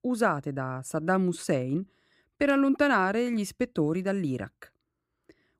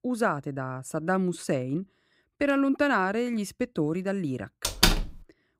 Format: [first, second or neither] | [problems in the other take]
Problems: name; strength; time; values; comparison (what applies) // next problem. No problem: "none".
first | door banging; loud; at 4.5 s; peak 5 dB above the speech